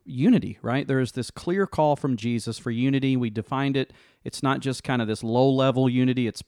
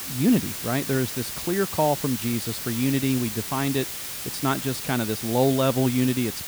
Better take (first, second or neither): first